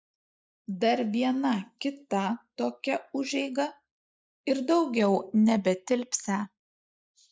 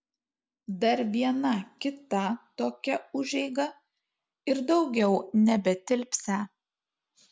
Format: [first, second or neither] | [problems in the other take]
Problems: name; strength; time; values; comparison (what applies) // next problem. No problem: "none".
second | noise reduction (neural mask model Resemble Enhance denoiser)